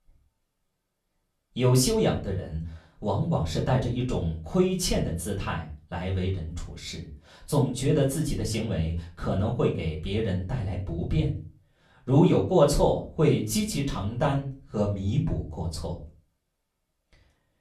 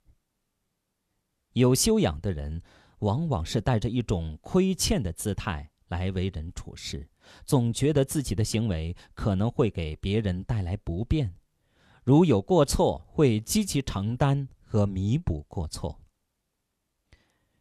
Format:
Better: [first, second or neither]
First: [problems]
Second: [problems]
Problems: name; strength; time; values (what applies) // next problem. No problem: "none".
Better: second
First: room echo; slight; dies away in 0.3 s // off-mic speech; far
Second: none